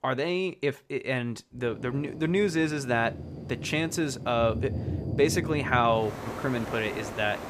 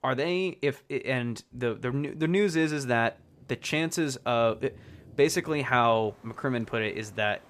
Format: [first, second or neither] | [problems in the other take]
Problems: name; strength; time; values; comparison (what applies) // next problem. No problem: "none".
second | rain or running water; loud; from 1.5 s on; 8 dB below the speech; faint in the second